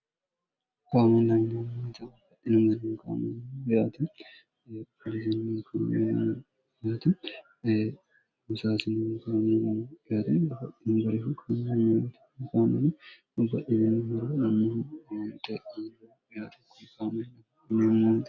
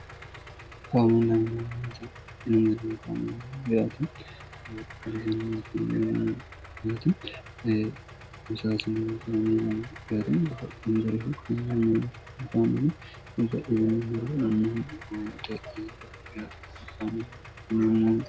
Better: first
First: none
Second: background sound (Idling); 17 dB below the speech

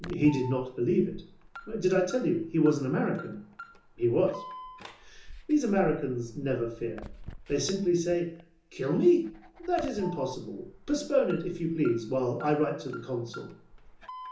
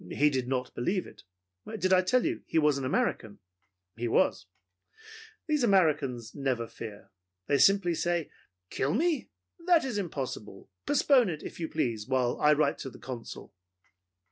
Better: second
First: background sound (Alarm); 17 dB below the speech // room echo; dies away in 0.7 s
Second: none

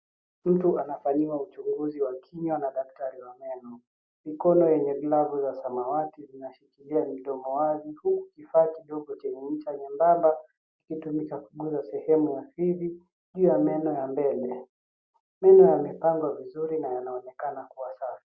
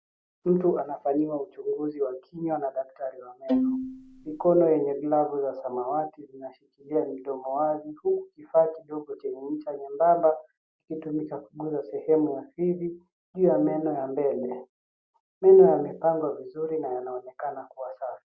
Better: first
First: none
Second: background sound (Bowed string instrument); 2 dB below the speech

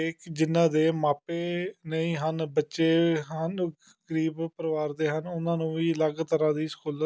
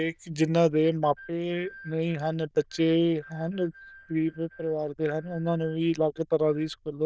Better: first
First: none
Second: noise reduction (neural diffusion model UNIVERSE++)

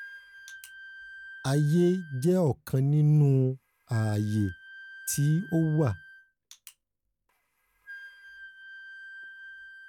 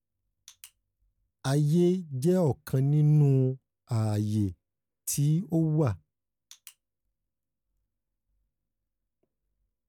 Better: second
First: background sound (Wind instrument, woodwind instrument); 19 dB below the speech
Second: none

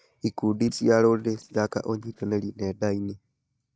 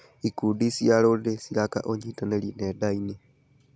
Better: second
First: noise reduction (neural mask model DeepFilterNet 3)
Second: none

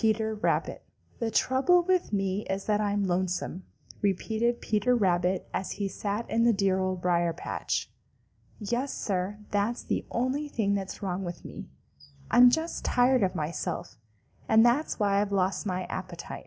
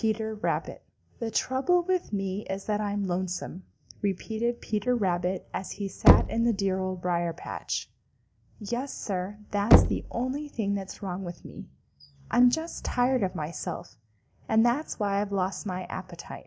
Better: first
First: none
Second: background sound (Knock); 1 dB above the speech

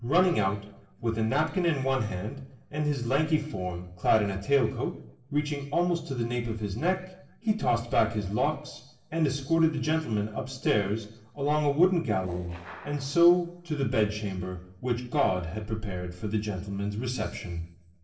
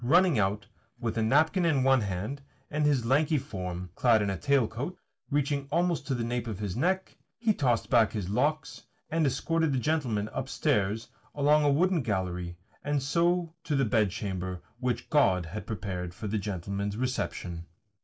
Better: second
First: noise reduction (neural separator model SepFormer DNS4)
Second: none

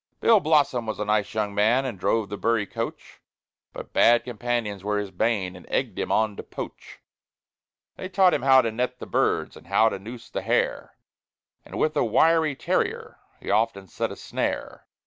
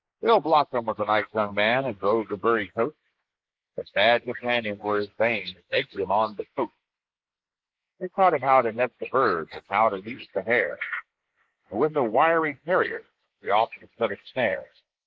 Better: first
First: none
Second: noise reduction (neural mask model Resemble Enhance denoiser)

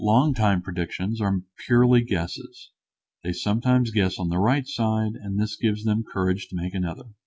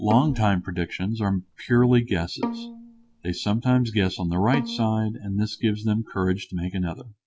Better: first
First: none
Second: background sound (Bowed string instrument); 12 dB below the speech

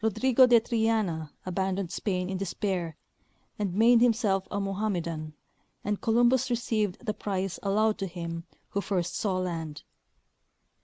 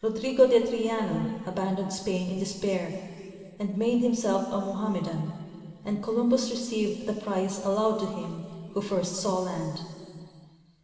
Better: first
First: none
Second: room echo; dies away in 2.5 s

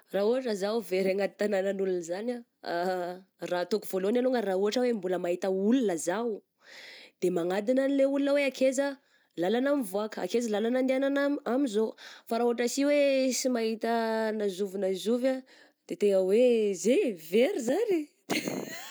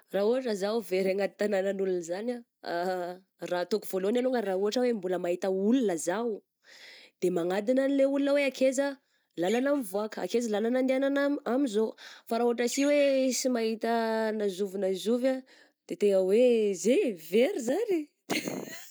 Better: first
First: none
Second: noise reduction (neural mask model DeepFilterNet 3)

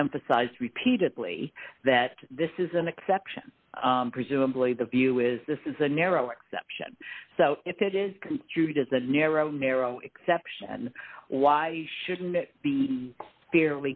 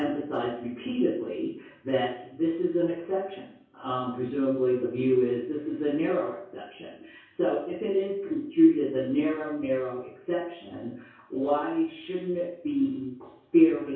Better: first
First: none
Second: room echo; dies away in 0.6 s

